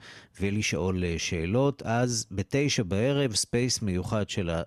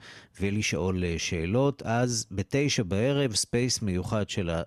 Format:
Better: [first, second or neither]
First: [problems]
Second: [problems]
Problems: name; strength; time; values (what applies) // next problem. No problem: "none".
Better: neither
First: none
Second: none